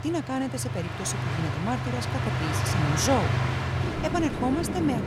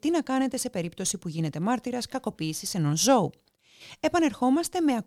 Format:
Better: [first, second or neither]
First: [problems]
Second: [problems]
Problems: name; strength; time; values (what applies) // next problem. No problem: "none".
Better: second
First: train or aircraft noise; very loud; throughout; 1 dB above the speech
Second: none